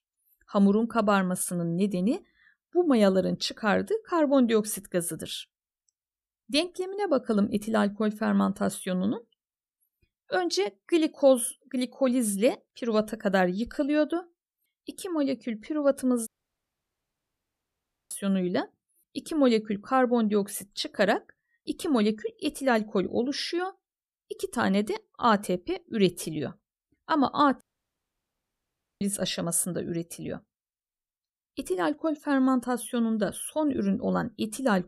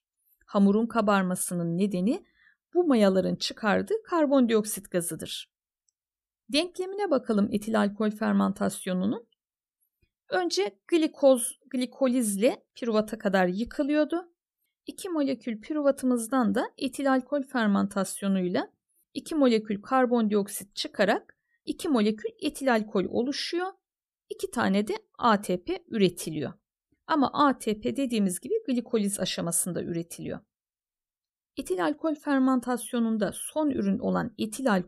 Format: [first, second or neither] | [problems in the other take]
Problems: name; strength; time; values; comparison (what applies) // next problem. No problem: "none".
second | audio cutting out; at 16 s for 2 s and at 28 s for 1.5 s